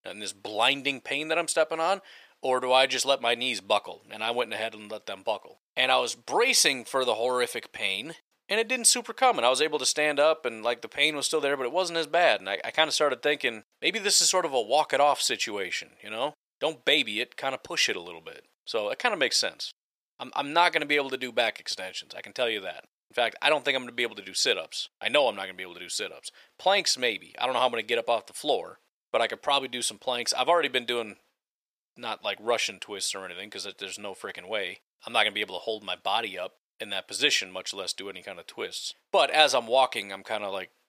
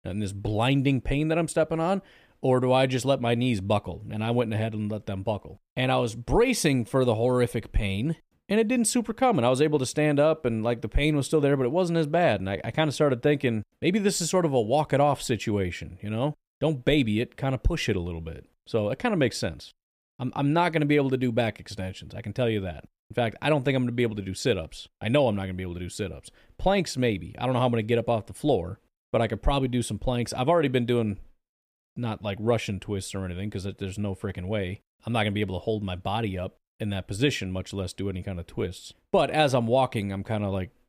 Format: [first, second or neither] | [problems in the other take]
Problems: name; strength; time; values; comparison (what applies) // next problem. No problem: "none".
second | thin; very; fading below 700 Hz